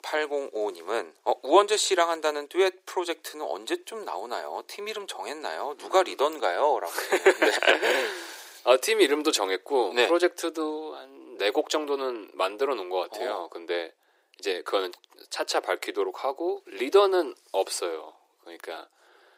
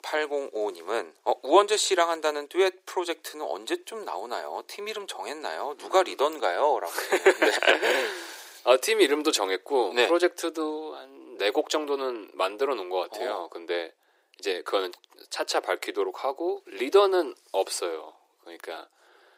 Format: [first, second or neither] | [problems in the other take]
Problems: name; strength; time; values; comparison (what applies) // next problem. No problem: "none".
neither | thin; very; fading below 350 Hz; the same in both